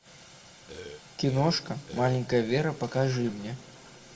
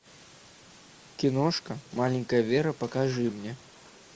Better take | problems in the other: second | background sound (Burping, eructation); 13 dB below the speech // room echo; dies away in 2 s

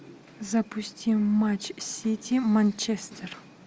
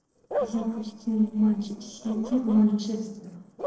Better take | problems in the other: first | noise reduction (neural separator model SepFormer DNS4)

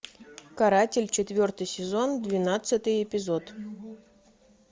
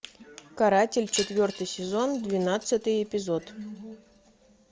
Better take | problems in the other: first | background sound (Wind chime); 16 dB below the speech

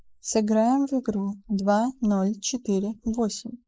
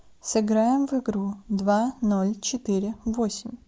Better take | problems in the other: second | noise reduction (neural mask model Resemble Enhance denoiser)

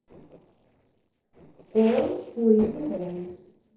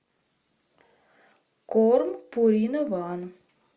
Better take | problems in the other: second | noise reduction (neural separator model SepFormer DNS4)

